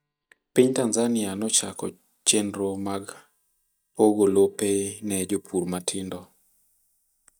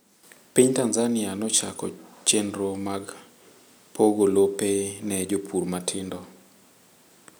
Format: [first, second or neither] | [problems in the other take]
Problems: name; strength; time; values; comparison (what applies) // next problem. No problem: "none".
second | noise reduction (neural mask model DeepFilterNet 3)